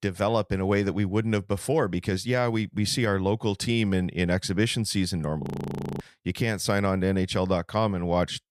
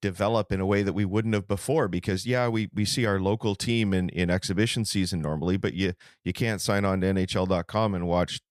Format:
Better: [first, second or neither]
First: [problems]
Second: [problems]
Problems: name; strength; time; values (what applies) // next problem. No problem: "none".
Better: second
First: audio freezing; at 5.5 s for 0.5 s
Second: none